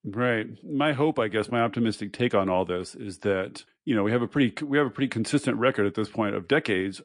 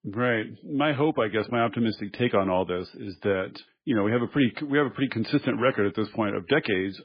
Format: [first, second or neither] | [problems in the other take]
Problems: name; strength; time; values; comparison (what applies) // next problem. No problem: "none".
first | garbled, watery; badly; nothing above 5 kHz; slightly in the first